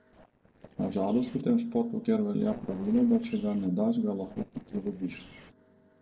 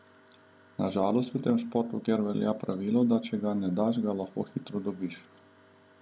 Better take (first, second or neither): second